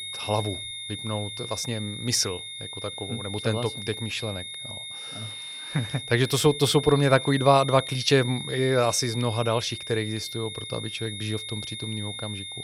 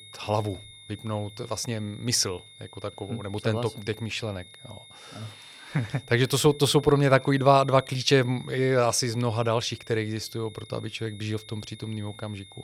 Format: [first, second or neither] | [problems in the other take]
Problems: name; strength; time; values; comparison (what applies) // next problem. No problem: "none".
second | high-pitched whine; loud; throughout; 3.5 kHz, 8 dB below the speech; faint in the second